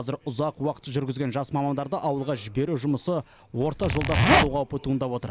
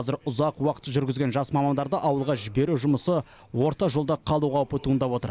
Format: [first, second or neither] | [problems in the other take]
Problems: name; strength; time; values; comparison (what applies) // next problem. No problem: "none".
second | background sound (Zipper (clothing)); 5 dB above the speech